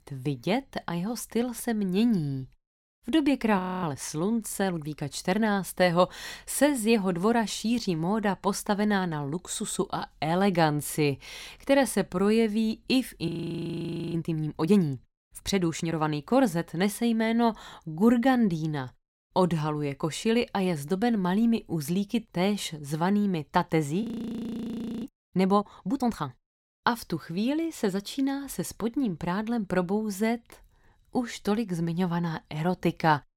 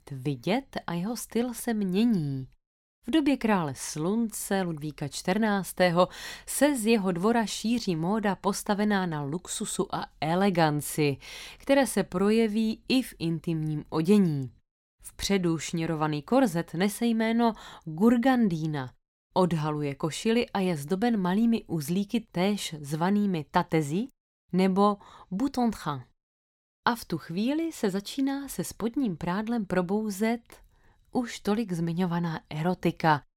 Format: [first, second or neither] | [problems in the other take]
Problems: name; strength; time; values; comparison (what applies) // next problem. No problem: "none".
second | audio freezing; at 3.5 s, at 13 s for 1 s and at 24 s for 1 s